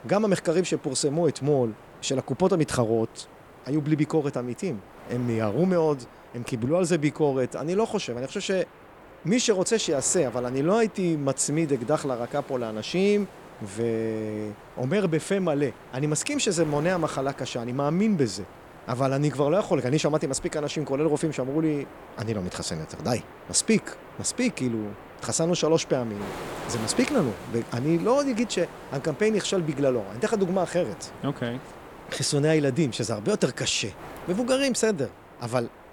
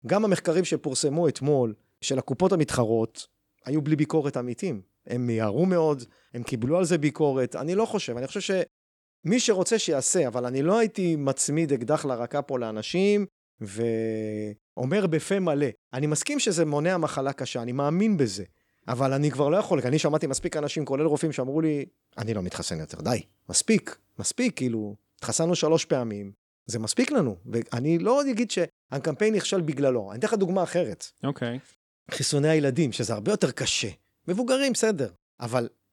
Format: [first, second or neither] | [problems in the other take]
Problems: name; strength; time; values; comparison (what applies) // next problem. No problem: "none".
second | wind noise on the microphone; occasional gusts; 15 dB below the speech